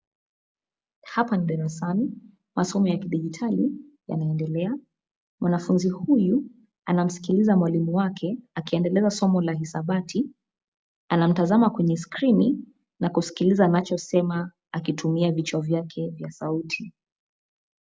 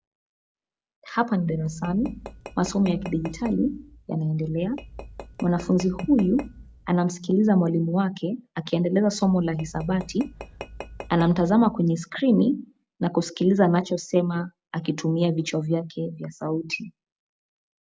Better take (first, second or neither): first